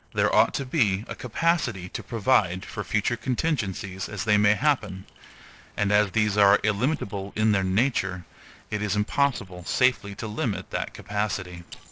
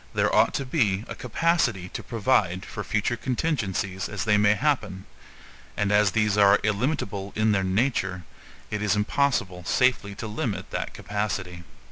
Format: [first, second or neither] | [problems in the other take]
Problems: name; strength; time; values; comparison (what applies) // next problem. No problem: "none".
second | noise reduction (neural separator model SepFormer DNS4)